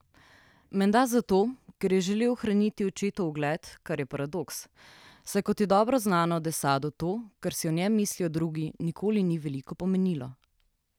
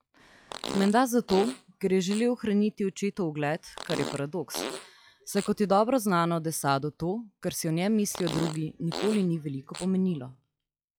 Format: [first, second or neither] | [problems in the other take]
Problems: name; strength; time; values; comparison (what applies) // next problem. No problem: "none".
first | noise reduction (classical method log-MMSE)